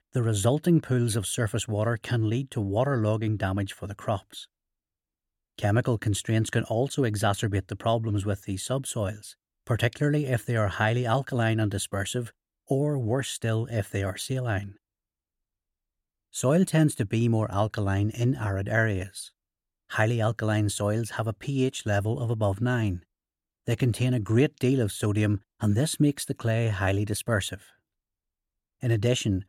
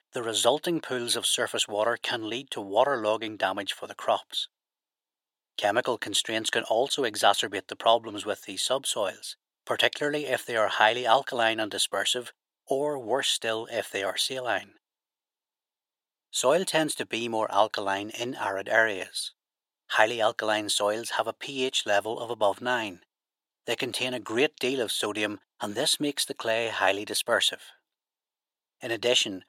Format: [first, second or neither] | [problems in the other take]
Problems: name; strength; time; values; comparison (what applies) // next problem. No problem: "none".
first | thin; very; fading below 550 Hz